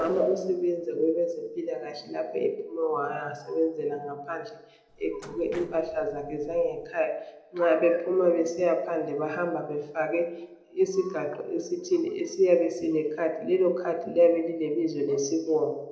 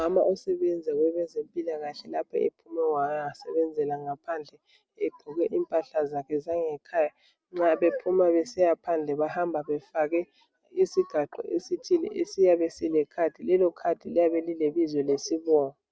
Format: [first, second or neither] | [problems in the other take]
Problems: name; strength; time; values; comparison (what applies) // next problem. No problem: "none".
second | noise reduction (neural separator model SepFormer DNS4)